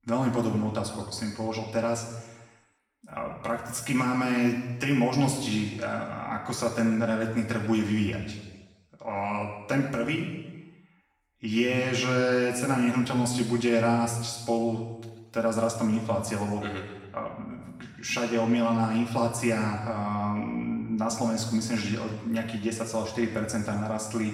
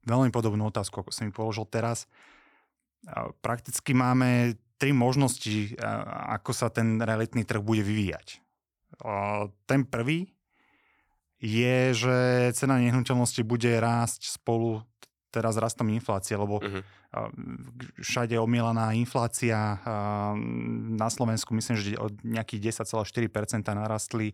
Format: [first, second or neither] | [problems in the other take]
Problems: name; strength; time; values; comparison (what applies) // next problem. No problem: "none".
second | room echo; noticeable; dies away in 1.1 s // off-mic speech; far